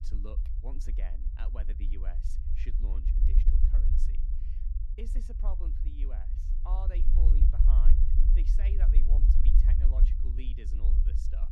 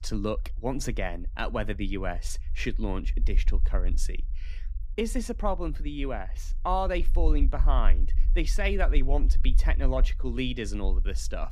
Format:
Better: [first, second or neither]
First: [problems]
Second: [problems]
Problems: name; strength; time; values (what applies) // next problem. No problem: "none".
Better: second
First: low rumble; loud; throughout; as loud as the speech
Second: low rumble; faint; throughout; 20 dB below the speech